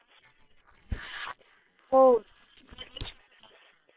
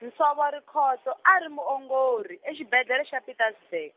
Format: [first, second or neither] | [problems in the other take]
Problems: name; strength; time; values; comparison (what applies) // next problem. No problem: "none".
second | noise reduction (neural separator model SepFormer WHAM!)